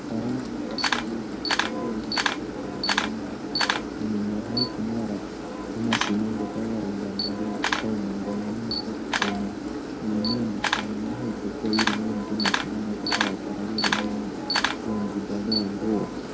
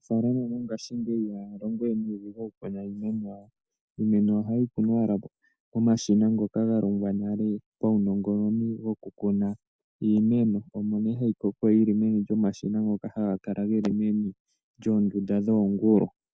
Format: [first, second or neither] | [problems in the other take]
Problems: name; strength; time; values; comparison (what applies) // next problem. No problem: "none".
second | background sound (Camera + Engine); 2 dB above the speech